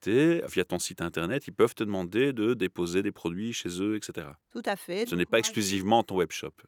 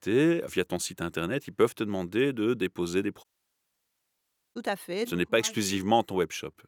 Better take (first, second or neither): first